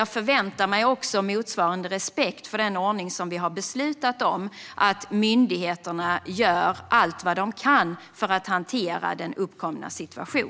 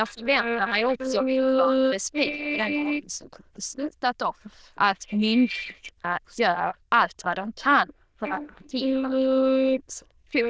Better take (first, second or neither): first